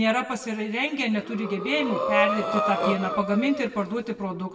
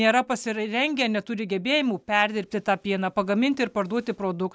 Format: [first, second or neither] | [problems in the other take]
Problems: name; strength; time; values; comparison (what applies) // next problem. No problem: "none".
second | background sound (Breathing); 2 dB below the speech // room echo; dies away in 0.9 s